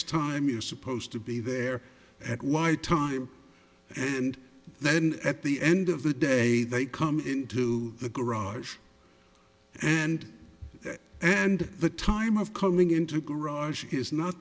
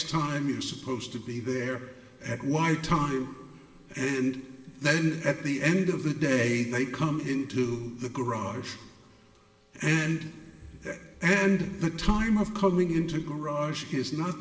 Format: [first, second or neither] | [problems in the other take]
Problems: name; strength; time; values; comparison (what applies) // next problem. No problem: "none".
first | room echo; dies away in 2.2 s